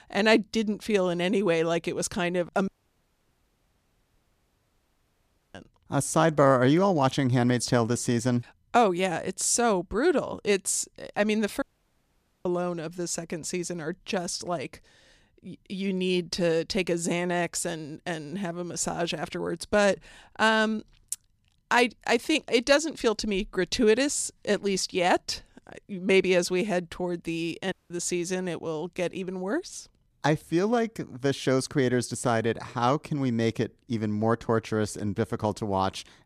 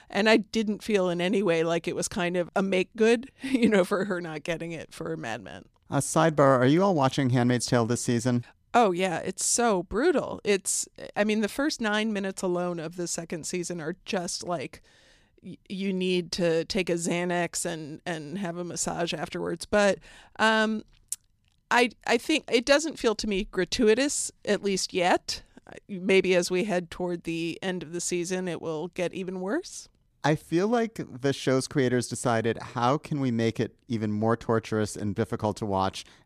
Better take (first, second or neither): second